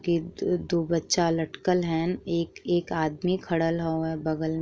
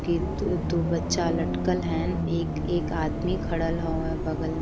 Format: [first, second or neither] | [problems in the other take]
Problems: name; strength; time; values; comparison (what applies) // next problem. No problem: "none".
first | background sound (Bus); as loud as the speech